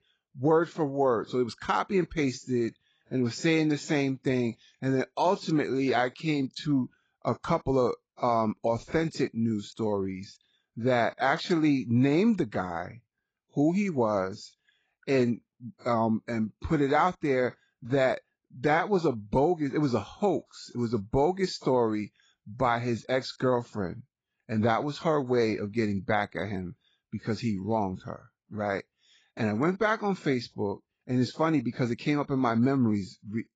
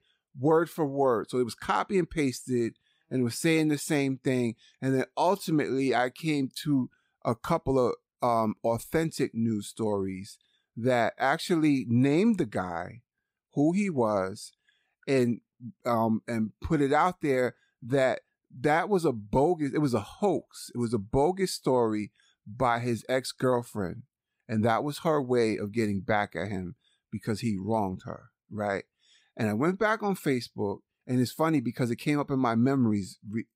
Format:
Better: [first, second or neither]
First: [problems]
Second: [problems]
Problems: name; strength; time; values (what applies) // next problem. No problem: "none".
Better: second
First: garbled, watery; badly; nothing above 7.5 kHz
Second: none